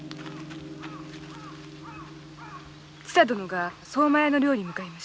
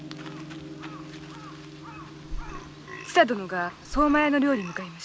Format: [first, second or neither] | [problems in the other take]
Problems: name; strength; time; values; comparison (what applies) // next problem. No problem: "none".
first | background sound (Burping, eructation); 11 dB below the speech